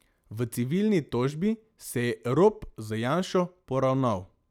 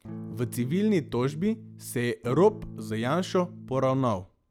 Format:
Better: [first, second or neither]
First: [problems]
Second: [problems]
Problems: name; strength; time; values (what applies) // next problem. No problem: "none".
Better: first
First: none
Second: background sound (Electric guitar / Strum); 14 dB below the speech